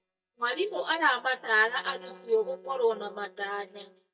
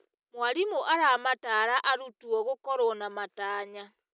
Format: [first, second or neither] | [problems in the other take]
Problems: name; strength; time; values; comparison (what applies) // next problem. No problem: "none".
second | noise reduction (neural mask model DeepFilterNet 3)